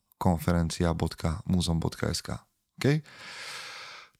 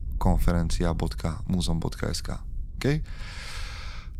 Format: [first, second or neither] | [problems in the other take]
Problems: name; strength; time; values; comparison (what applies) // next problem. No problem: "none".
first | wind noise on the microphone; occasional gusts; 20 dB below the speech